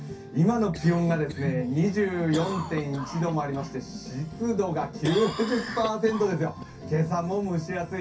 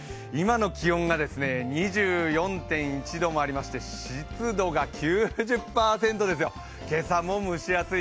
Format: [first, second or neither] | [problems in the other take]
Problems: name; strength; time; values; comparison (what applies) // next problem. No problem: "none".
second | background sound (Cough); 14 dB below the speech // room echo; dies away in 0.3 s